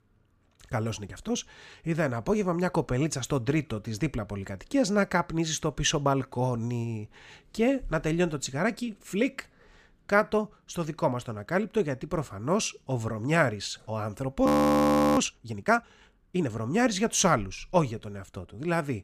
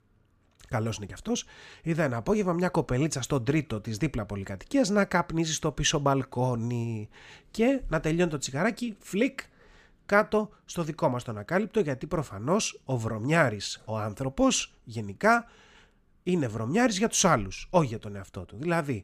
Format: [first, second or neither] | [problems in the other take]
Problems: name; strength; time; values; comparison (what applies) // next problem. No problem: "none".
second | audio freezing; at 14 s for 0.5 s